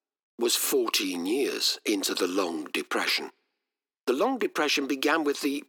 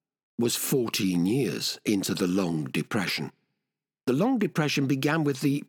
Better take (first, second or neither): second